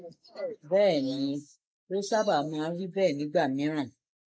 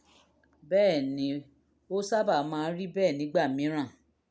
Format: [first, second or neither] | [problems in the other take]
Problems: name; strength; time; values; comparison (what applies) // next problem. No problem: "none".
second | noise reduction (neural mask model Resemble Enhance denoiser)